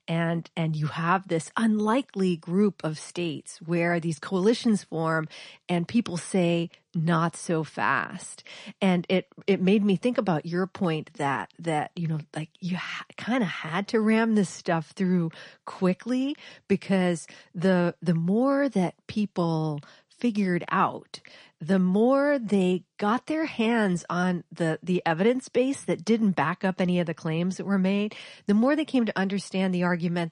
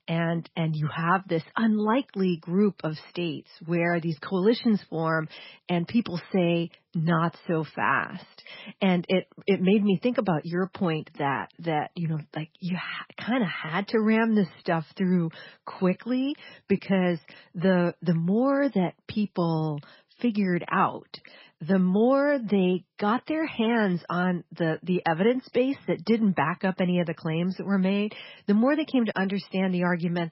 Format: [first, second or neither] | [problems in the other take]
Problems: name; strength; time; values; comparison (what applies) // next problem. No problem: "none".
first | garbled, watery; badly; nothing above 5.5 kHz; slightly in the first